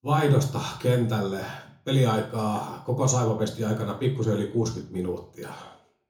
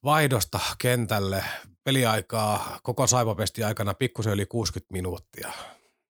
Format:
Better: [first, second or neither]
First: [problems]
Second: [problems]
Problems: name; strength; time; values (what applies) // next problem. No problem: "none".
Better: second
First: room echo; slight; dies away in 0.6 s // off-mic speech; far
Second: none